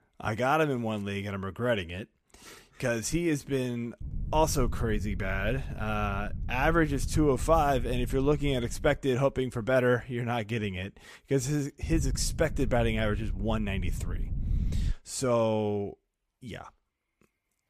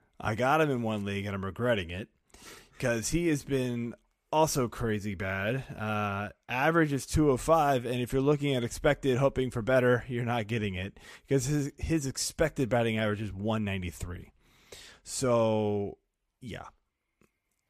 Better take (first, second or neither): second